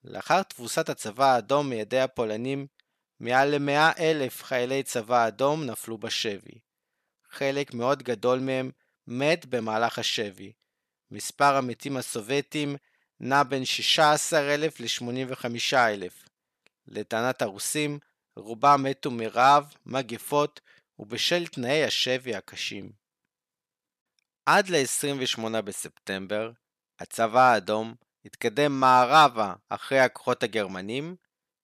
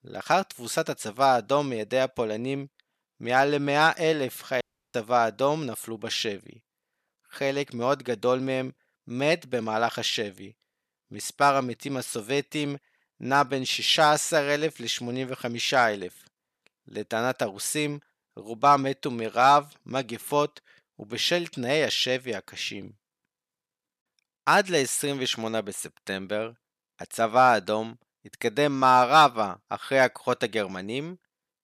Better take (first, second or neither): first